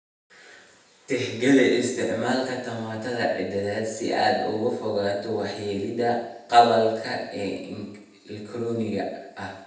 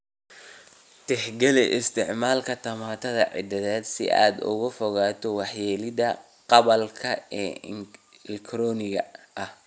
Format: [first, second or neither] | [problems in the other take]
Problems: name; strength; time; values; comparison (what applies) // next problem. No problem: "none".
second | room echo; dies away in 0.8 s